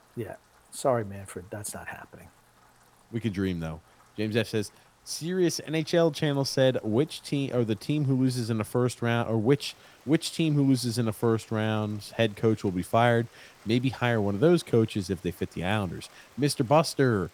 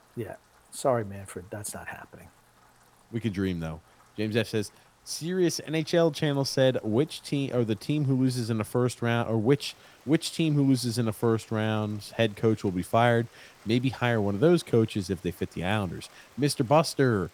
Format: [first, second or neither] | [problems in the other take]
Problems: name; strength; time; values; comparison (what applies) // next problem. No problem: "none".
neither | rain or running water; faint; throughout; 30 dB below the speech; the same in both